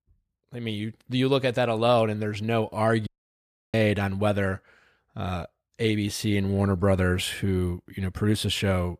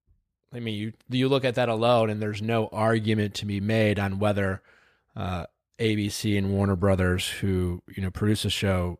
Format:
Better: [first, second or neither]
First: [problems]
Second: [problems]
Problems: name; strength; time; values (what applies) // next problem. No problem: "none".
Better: second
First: audio cutting out; at 3 s for 0.5 s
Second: none